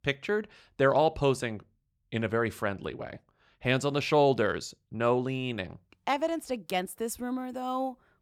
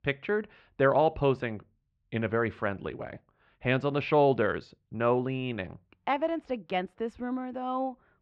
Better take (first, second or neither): first